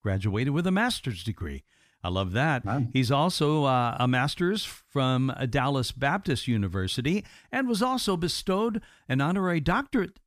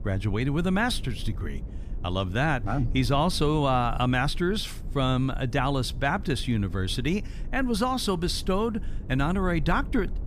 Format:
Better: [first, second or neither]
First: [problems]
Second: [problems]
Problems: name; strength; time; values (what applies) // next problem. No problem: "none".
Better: first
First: none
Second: low rumble; faint; throughout; 25 dB below the speech